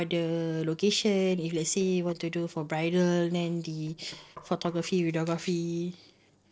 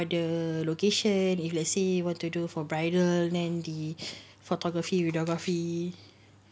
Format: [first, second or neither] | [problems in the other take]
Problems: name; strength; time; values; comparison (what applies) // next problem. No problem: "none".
second | noise reduction (neural separator model SepFormer DNS4)